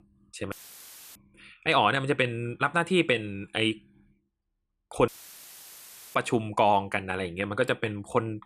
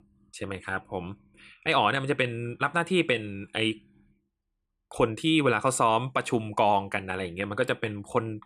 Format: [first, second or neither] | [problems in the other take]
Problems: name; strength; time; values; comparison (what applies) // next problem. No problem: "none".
second | audio cutting out; filled with static; at 0.5 s for 0.5 s and at 5 s for 1 s